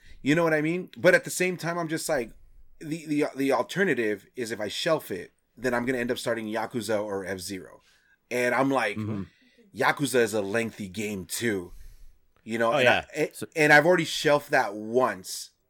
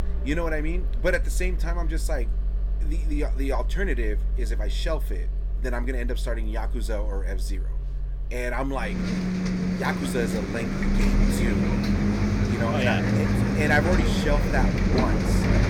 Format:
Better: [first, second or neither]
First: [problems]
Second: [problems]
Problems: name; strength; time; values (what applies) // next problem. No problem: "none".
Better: first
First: none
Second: traffic noise; very loud; throughout; 4 dB above the speech